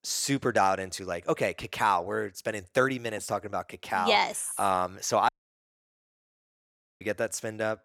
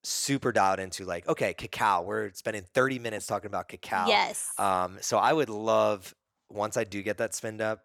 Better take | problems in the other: second | audio cutting out; at 5.5 s for 1.5 s

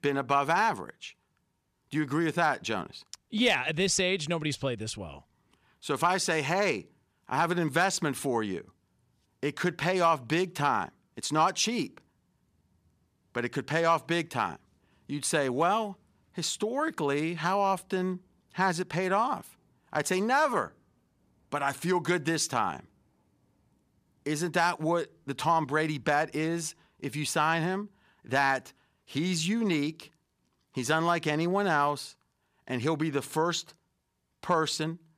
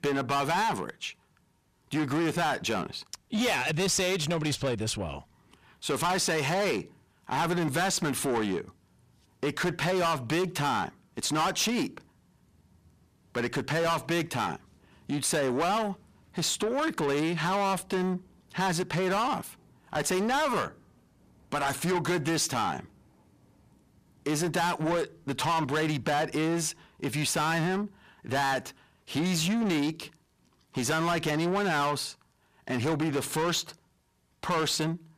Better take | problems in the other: first | distortion; heavy; 6 dB below the speech

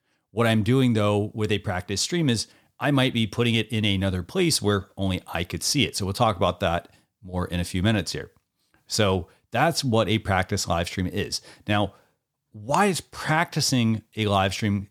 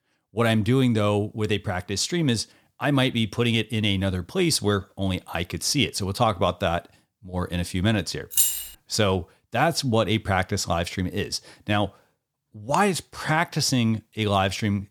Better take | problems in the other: first | jangling keys; loud; at 8.5 s; peak 4 dB above the speech

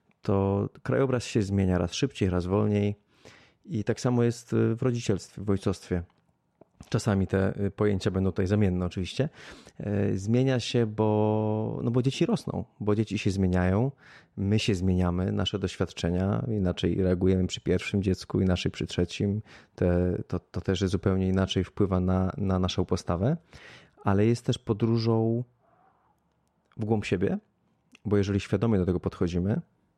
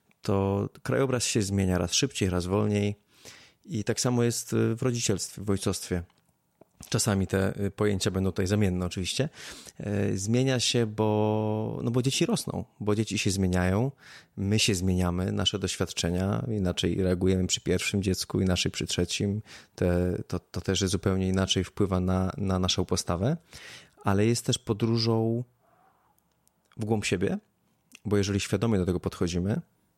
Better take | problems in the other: second | muffled; slightly; fading above 1.5 kHz

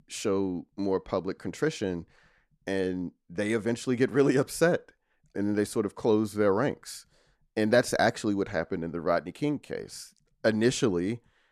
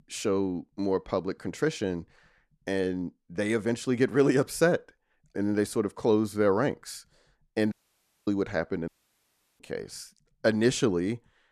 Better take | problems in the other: first | audio cutting out; at 7.5 s for 0.5 s and at 9 s for 0.5 s

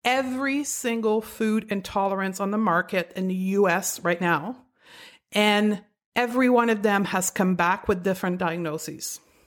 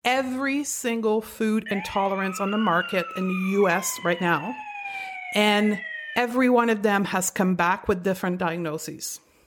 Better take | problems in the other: first | siren; noticeable; from 1.5 to 6 s; peak 8 dB below the speech

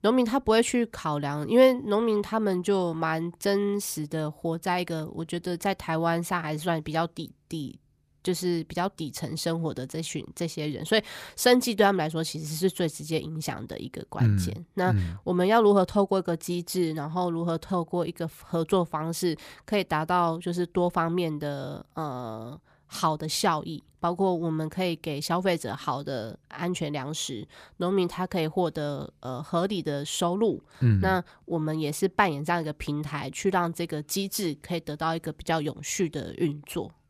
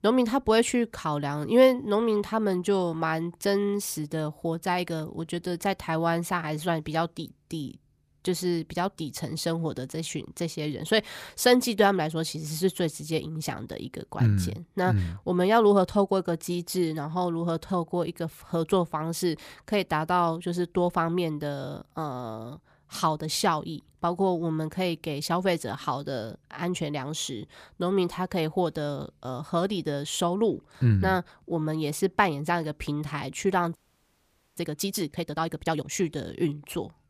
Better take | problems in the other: first | audio freezing; at 34 s for 1 s

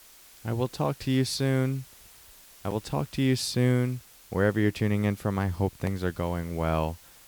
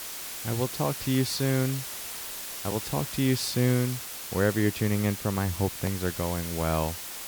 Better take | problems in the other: first | hiss; loud; throughout; 6 dB below the speech; faint in the first

